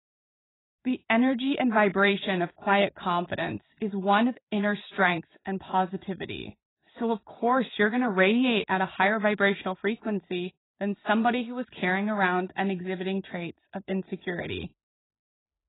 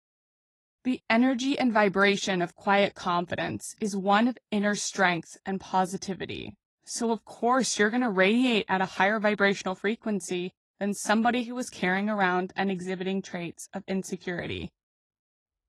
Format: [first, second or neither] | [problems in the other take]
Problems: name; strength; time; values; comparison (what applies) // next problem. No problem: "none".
second | garbled, watery; badly; nothing above 4 kHz; slightly in the second